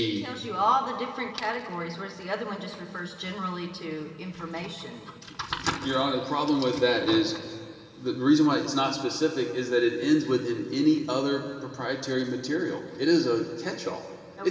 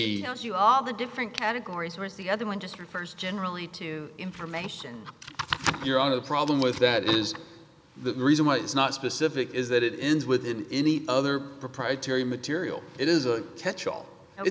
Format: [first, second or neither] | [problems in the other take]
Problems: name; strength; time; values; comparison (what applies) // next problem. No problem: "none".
second | room echo; dies away in 2.6 s